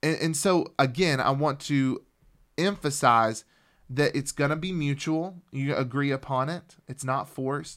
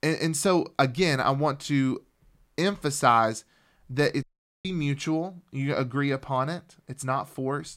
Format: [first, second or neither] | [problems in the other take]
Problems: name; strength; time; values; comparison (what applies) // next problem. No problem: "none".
first | audio cutting out; at 4 s